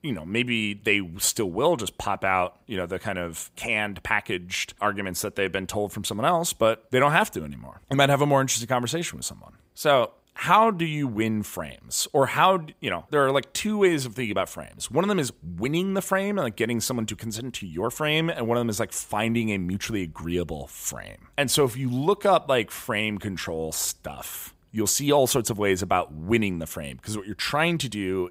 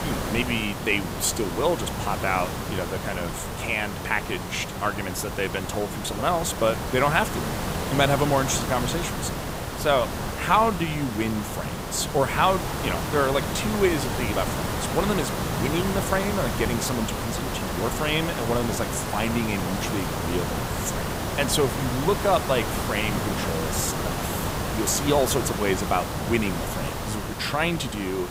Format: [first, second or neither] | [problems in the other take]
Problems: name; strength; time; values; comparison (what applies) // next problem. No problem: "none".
first | hiss; loud; throughout; 3 dB below the speech